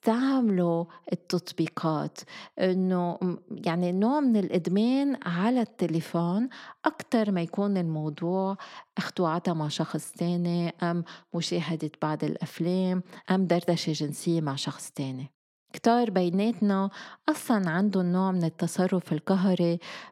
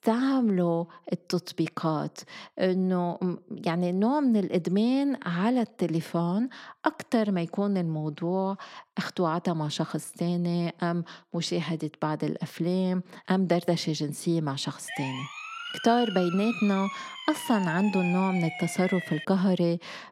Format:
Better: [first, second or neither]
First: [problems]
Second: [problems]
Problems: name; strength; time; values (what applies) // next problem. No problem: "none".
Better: first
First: none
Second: siren; noticeable; from 15 to 19 s; peak 6 dB below the speech